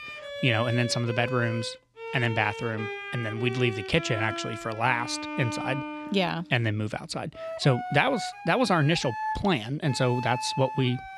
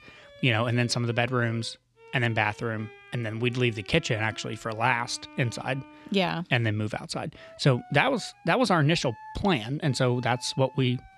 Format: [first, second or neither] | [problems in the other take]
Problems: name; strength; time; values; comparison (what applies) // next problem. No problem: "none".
second | background music; loud; throughout; 8 dB below the speech; faint in the second